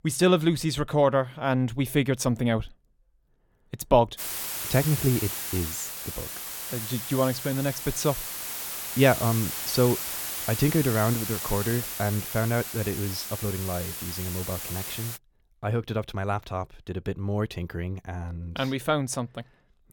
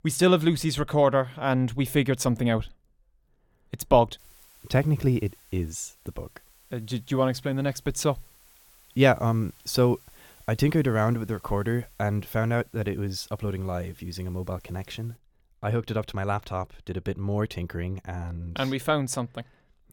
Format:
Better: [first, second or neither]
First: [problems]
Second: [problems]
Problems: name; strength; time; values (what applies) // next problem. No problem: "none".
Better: second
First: hiss; loud; from 4 to 15 s; 4 dB below the speech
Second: hiss; faint; from 4 to 15 s; 30 dB below the speech